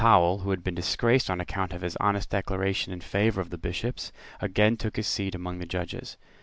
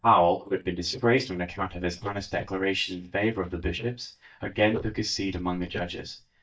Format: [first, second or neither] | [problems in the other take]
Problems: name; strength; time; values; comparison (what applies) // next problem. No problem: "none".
first | noise reduction (neural mask model DeepFilterNet 3)